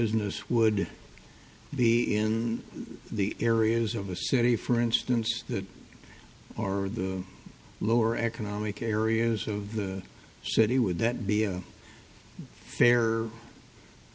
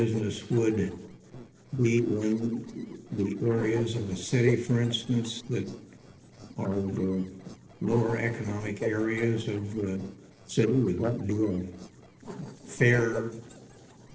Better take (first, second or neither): first